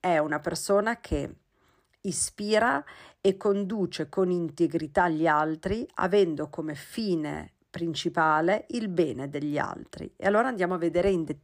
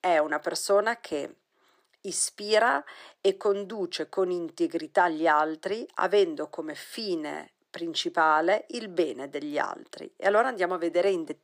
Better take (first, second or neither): first